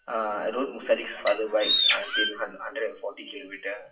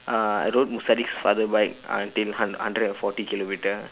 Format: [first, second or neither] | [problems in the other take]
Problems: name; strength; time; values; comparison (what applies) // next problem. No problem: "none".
second | noise reduction (classical method WPE with log-MMSE)